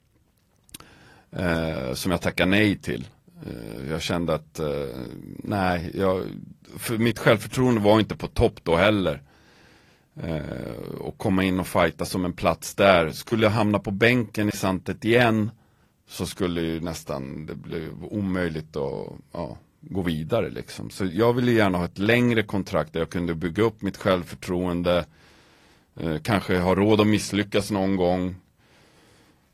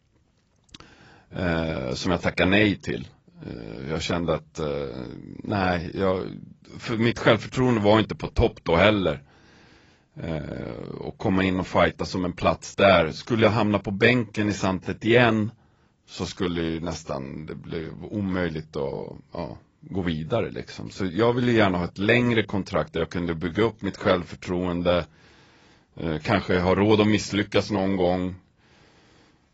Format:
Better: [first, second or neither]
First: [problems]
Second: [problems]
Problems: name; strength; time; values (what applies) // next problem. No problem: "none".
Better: first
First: garbled, watery; slightly; nothing above 12.5 kHz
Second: garbled, watery; badly; nothing above 7.5 kHz